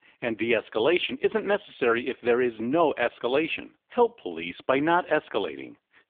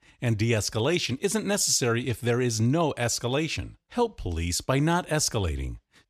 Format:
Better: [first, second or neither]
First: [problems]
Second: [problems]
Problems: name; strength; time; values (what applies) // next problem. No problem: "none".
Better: second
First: phone-call audio; nothing above 3.5 kHz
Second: none